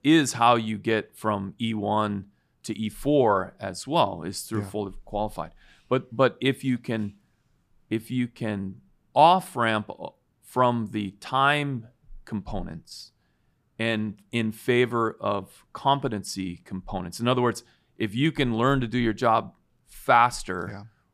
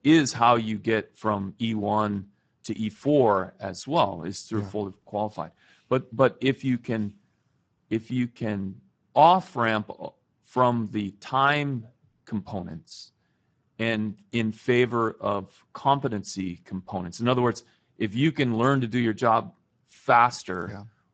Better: first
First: none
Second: garbled, watery; badly; nothing above 8 kHz

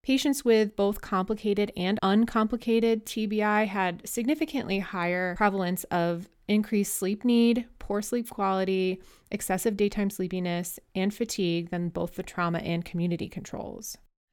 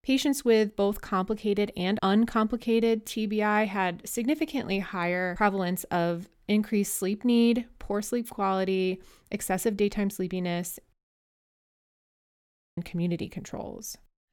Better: first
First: none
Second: audio cutting out; at 11 s for 2 s

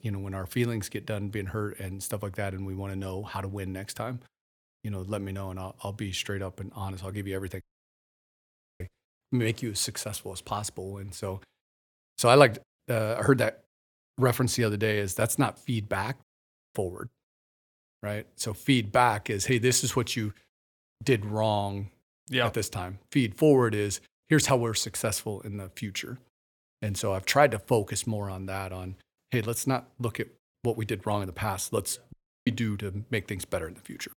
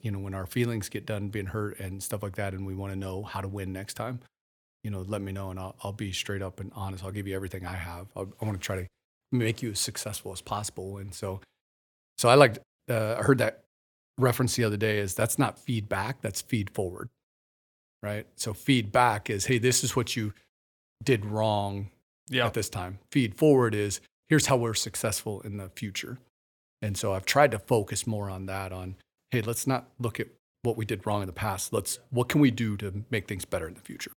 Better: second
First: audio cutting out; at 7.5 s for 1 s, at 16 s for 0.5 s and at 32 s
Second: none

